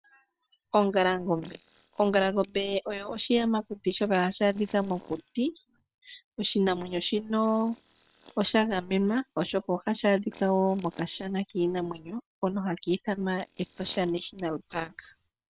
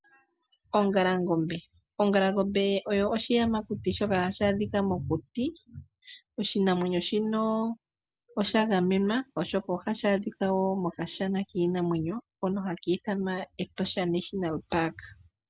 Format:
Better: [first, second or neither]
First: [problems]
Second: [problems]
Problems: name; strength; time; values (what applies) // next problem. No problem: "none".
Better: second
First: noise reduction (neural separator model SepFormer WHAM!)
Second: none